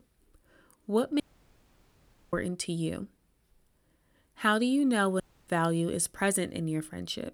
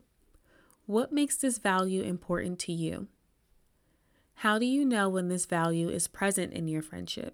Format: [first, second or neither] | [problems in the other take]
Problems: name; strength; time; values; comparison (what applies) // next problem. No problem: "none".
second | audio cutting out; at 1 s for 1 s and at 5 s